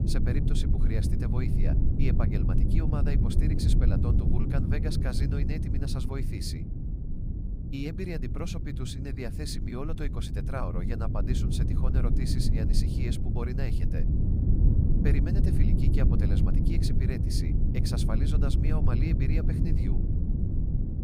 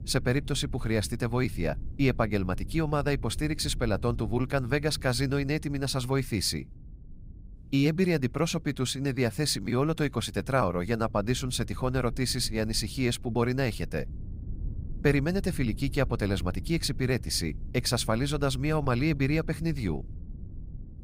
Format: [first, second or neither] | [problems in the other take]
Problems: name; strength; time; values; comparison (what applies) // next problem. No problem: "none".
second | low rumble; loud; throughout; as loud as the speech; faint in the second